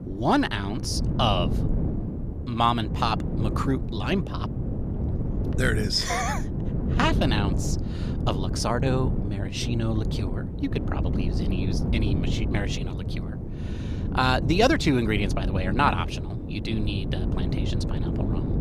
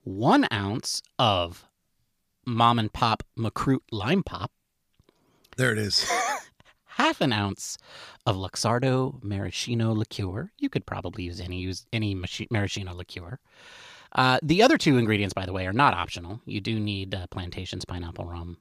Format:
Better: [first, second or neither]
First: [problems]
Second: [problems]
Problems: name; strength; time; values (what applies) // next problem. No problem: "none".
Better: second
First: wind noise on the microphone; occasional gusts; 10 dB below the speech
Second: none